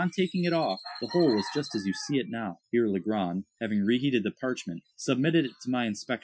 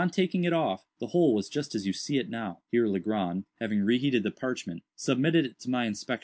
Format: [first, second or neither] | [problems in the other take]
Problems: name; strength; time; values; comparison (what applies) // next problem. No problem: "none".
second | noise reduction (classical method Wiener filter)